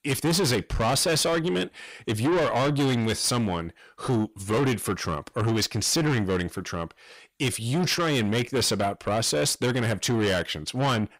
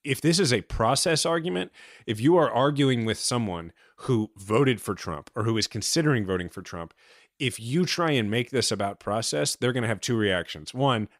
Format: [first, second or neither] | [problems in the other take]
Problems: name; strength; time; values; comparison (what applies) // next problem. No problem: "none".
second | distortion; heavy; 7 dB below the speech